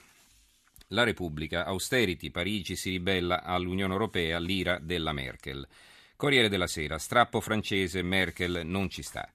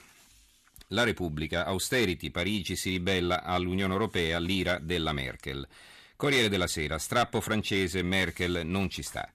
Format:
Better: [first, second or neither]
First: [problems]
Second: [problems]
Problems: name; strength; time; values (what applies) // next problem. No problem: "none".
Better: first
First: none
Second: distortion; slight; 10 dB below the speech